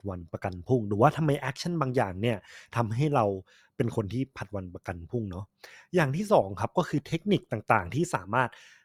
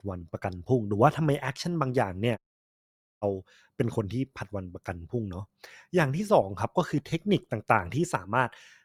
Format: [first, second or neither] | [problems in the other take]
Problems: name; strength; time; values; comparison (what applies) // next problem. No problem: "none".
first | audio cutting out; at 2.5 s for 1 s